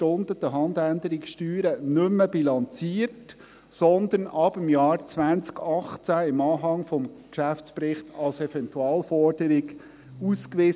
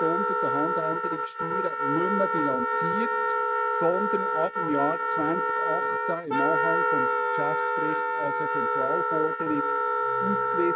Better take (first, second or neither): first